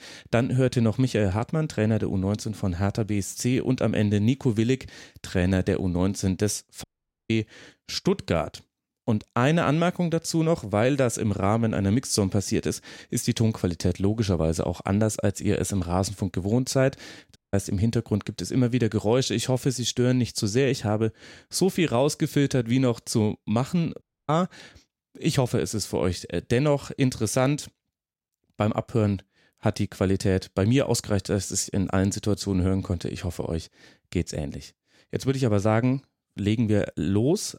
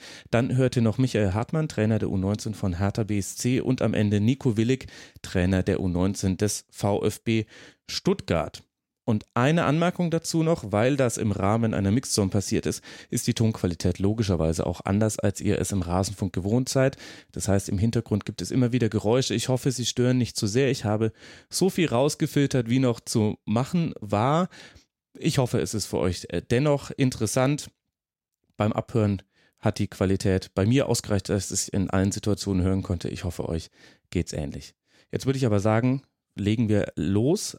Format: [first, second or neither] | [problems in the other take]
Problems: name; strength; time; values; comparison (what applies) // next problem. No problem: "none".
second | audio cutting out; at 7 s, at 17 s and at 24 s